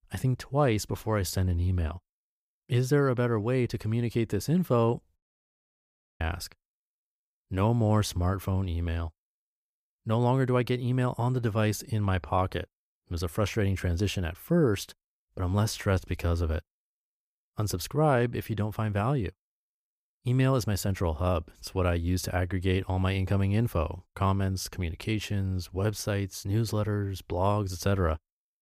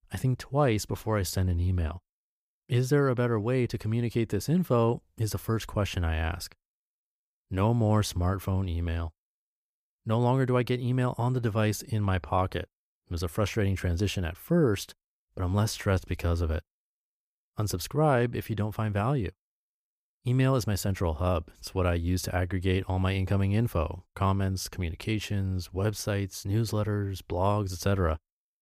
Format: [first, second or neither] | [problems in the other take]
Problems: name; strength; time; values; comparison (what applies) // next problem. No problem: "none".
second | audio cutting out; at 5 s for 1 s